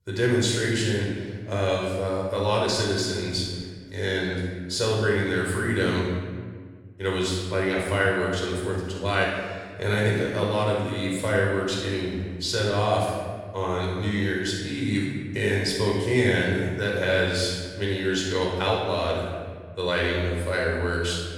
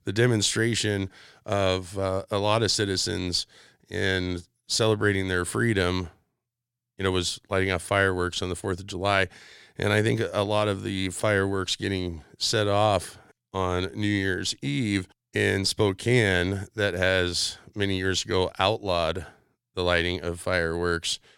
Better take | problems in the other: second | off-mic speech; far // room echo; noticeable; dies away in 1.5 s

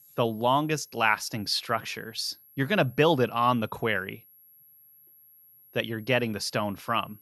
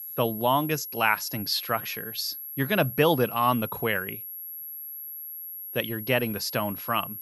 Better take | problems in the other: first | high-pitched whine; loud; throughout; 11.5 kHz, 9 dB below the speech; faint in the first

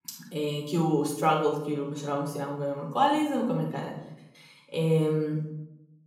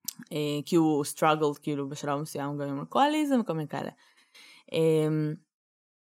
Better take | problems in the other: second | off-mic speech; far // room echo; noticeable; dies away in 0.7 s

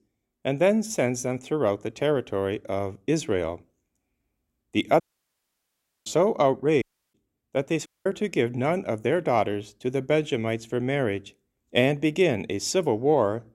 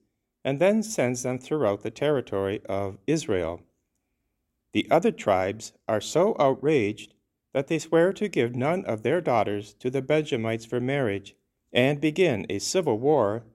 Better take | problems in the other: second | audio cutting out; at 5 s for 1 s, at 7 s and at 8 s

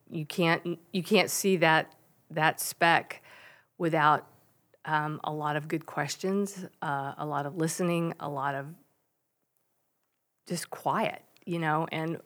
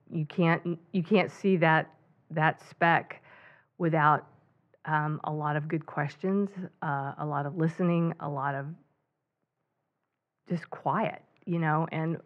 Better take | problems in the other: first | muffled; very; fading above 2 kHz

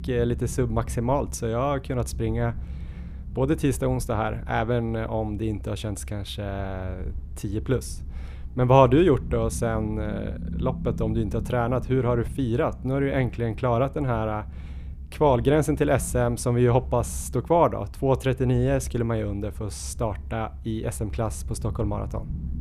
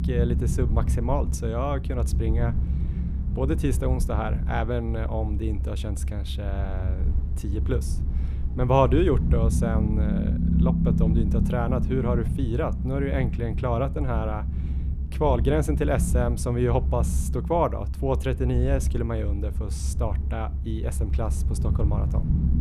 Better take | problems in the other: first | low rumble; loud; throughout; 10 dB below the speech; faint in the first

